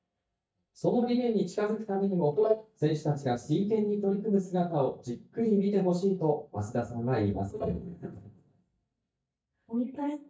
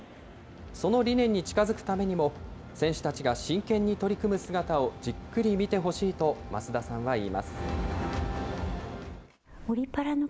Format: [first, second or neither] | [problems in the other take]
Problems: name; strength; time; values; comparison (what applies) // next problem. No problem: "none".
second | noise reduction (neural mask model DeepFilterNet 3)